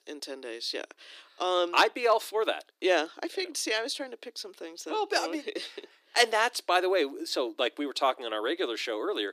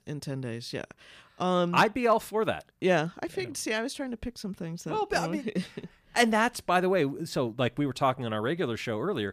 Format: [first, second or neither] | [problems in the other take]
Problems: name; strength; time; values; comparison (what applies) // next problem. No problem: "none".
second | thin; somewhat; fading below 300 Hz